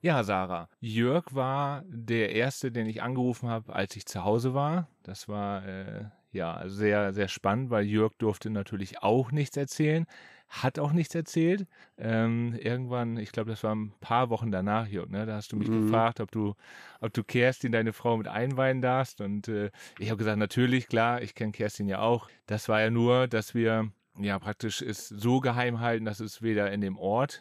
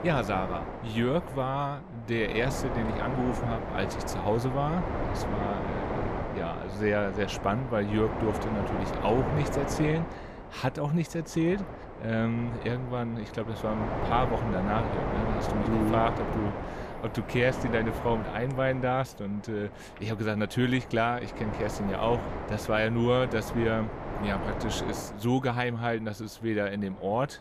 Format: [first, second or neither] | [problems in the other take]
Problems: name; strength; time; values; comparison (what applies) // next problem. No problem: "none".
first | wind noise on the microphone; heavy; 4 dB below the speech